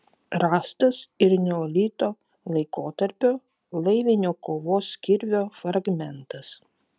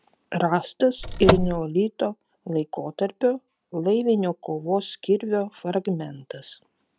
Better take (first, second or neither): first